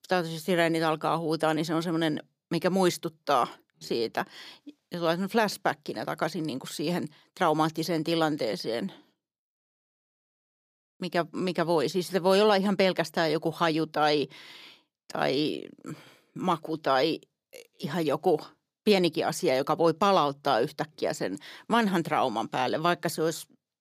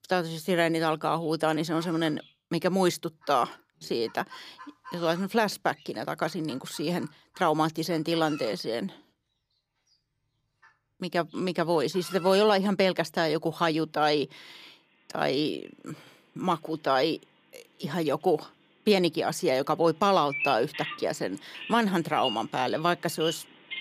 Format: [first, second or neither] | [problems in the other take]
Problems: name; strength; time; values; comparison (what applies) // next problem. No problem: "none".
first | animal sounds; noticeable; throughout; 10 dB below the speech